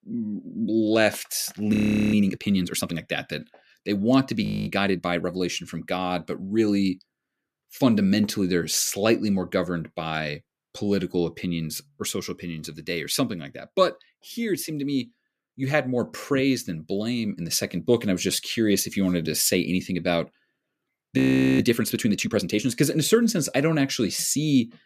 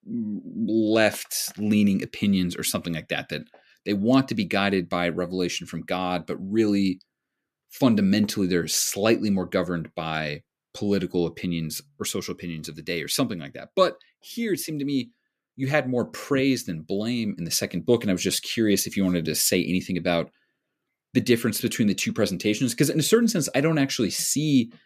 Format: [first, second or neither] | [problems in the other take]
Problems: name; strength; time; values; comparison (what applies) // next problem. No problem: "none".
second | audio freezing; at 1.5 s, at 4.5 s and at 21 s